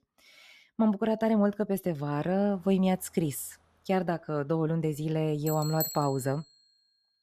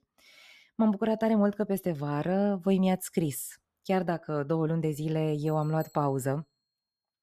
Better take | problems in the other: second | traffic noise; loud; from 3 s on; 8 dB below the speech; faint in the second

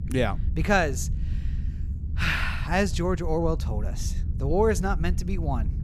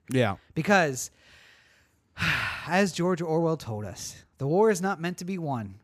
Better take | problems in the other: second | low rumble; noticeable; throughout; 20 dB below the speech

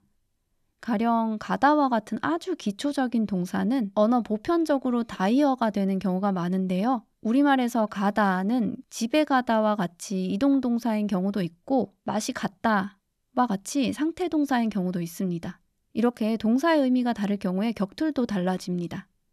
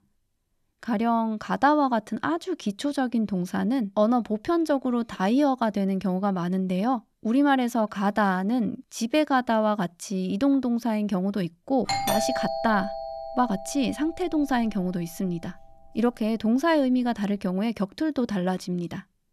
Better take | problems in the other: first | doorbell; loud; from 12 to 15 s; peak level with the speech

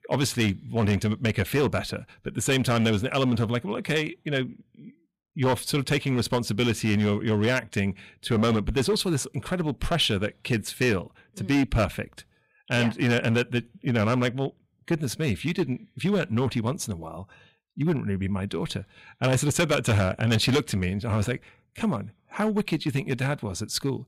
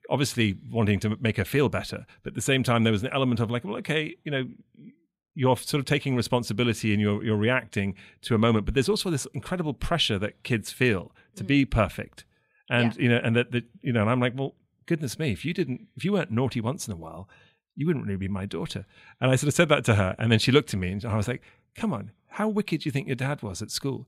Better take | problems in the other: second | distortion; slight; 7% of the sound clipped

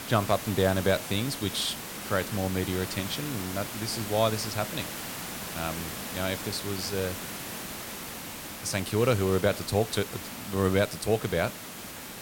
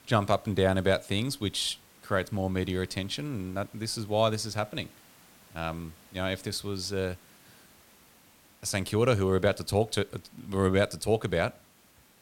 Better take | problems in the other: second | hiss; loud; throughout; 7 dB below the speech; faint in the second

